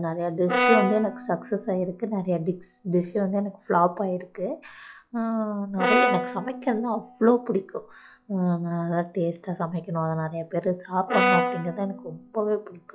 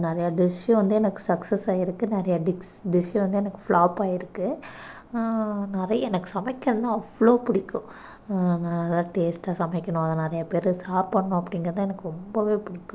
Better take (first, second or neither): second